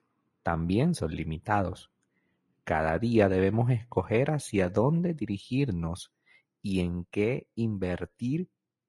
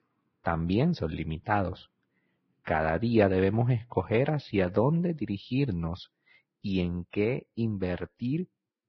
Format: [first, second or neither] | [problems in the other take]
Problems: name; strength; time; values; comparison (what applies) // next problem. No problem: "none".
first | garbled, watery; badly; nothing above 5 kHz; slightly in the first